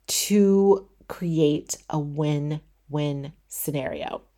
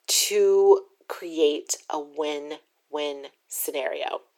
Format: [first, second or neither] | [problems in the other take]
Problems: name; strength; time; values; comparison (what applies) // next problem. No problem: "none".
first | thin; very; fading below 350 Hz